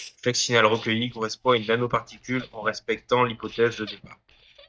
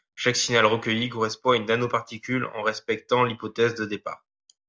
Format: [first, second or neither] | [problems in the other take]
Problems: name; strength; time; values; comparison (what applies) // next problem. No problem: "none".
second | noise reduction (neural mask model DeepFilterNet 3)